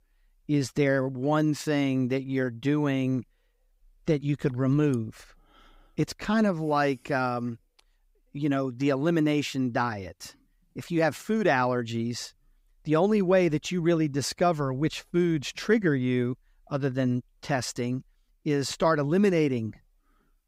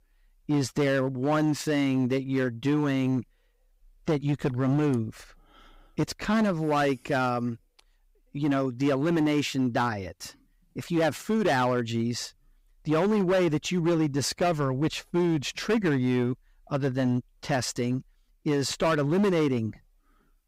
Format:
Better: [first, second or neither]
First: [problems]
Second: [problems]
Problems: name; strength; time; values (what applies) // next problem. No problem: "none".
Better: first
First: none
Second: distortion; slight; 9% of the sound clipped